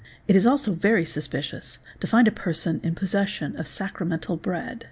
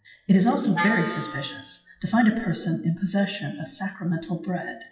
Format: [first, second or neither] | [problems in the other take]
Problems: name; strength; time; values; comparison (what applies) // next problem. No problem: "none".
first | noise reduction (classical method WPE with log-MMSE)